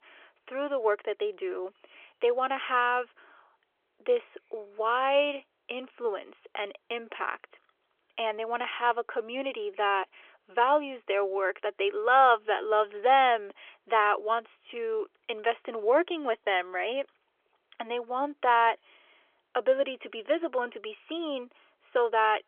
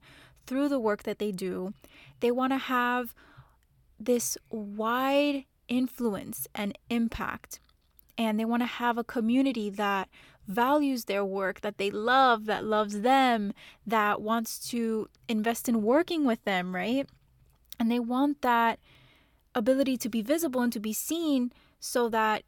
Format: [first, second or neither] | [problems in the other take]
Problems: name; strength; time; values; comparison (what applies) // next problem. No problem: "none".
second | phone-call audio; nothing above 3.5 kHz